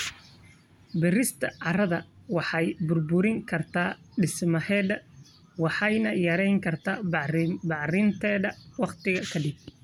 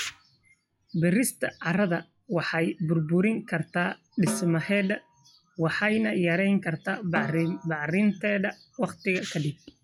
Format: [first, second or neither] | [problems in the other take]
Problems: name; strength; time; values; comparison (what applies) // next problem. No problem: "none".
first | noise reduction (classical method log-MMSE)